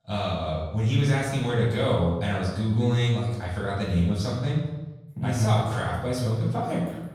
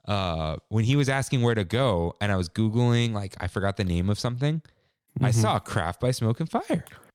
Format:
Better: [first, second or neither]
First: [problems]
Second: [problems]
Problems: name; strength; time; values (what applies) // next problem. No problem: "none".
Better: second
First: off-mic speech; far // room echo; noticeable; dies away in 0.8 s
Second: none